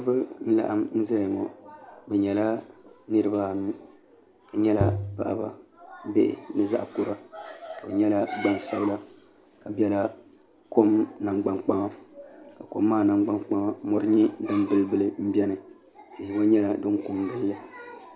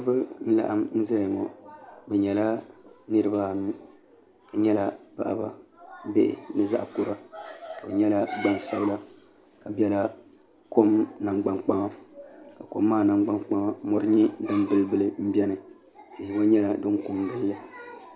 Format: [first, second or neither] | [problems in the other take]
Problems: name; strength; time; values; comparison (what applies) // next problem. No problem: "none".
second | background sound (Tap); 3 dB below the speech